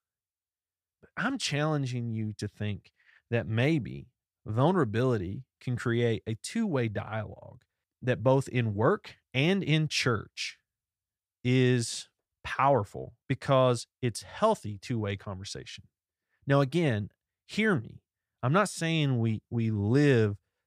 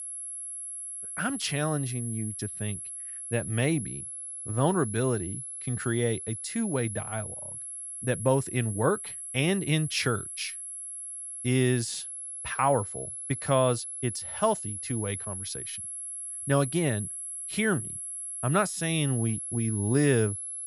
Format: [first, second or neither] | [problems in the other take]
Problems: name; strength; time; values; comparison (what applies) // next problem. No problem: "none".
first | high-pitched whine; loud; throughout; 11 kHz, 6 dB below the speech